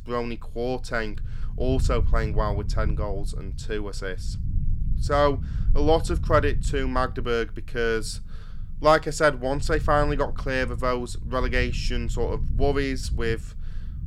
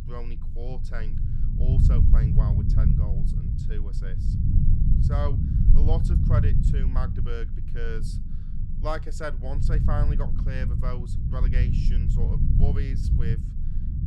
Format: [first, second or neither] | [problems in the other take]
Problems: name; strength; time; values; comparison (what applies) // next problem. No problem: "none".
first | low rumble; loud; throughout; 2 dB below the speech; faint in the first